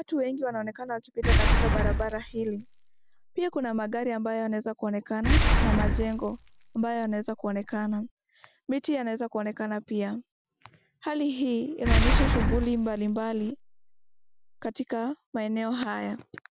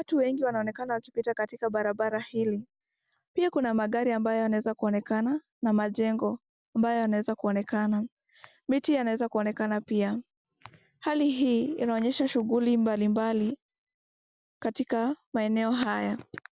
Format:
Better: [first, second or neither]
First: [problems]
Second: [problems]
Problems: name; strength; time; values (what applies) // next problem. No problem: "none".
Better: second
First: background sound (Boom); 4 dB above the speech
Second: none